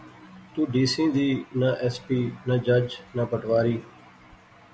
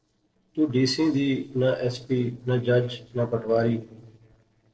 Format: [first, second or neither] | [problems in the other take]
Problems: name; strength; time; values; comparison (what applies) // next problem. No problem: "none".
first | noise reduction (neural separator model SepFormer DNS4)